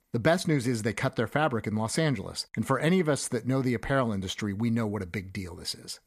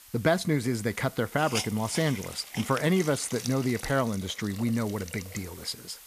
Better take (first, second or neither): first